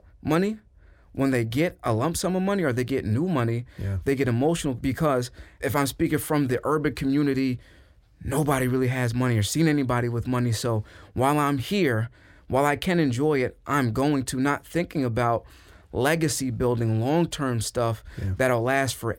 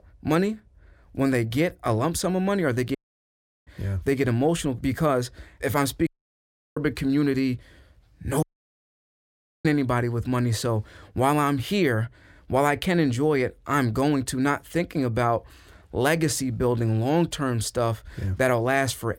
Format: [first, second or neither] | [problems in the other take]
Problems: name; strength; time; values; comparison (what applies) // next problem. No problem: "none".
first | audio cutting out; at 3 s for 0.5 s, at 6 s for 0.5 s and at 8.5 s for 1 s